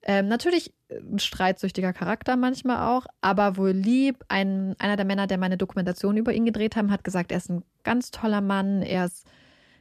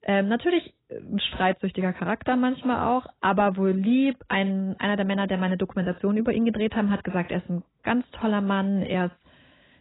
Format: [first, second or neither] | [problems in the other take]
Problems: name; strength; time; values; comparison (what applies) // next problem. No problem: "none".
first | garbled, watery; badly; nothing above 3.5 kHz